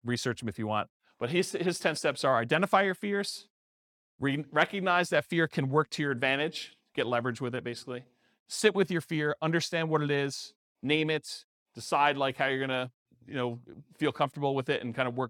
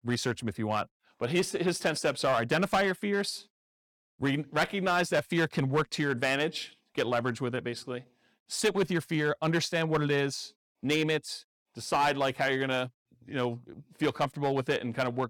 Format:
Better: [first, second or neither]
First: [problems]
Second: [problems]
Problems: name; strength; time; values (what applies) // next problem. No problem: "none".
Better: first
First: none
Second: distortion; slight; 4% of the sound clipped